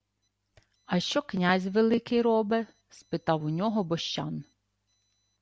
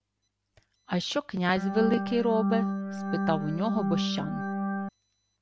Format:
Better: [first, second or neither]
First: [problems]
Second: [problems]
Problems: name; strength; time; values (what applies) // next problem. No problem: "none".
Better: first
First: none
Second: background sound (Organ); as loud as the speech